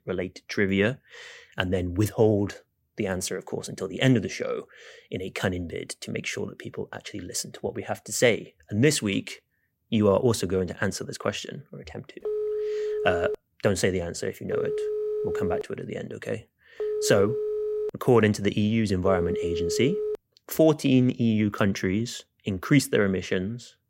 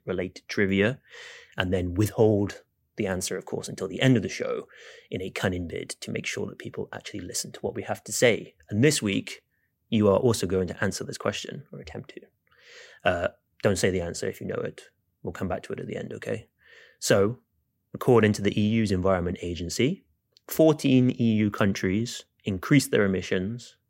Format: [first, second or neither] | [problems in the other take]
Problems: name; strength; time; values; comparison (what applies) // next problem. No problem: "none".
second | phone ringing; noticeable; from 12 to 20 s; peak 2 dB below the speech